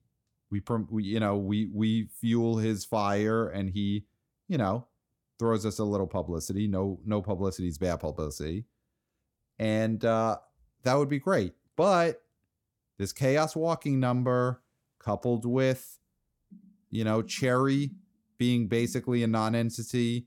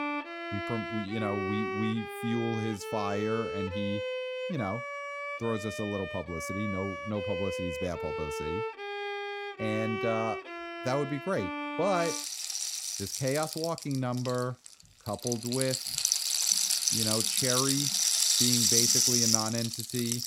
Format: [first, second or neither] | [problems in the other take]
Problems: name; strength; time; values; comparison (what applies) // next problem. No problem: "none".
first | background music; very loud; throughout; 4 dB above the speech